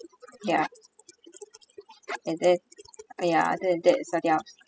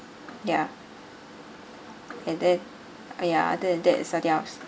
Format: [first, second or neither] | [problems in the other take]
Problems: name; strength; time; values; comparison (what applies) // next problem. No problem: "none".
second | noise reduction (classical method spectral subtraction)